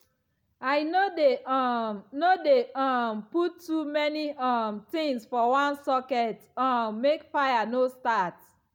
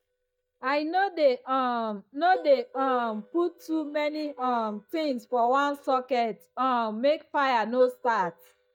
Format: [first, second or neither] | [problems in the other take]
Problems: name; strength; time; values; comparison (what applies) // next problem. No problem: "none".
first | noise reduction (neural mask model DeepFilterNet 3)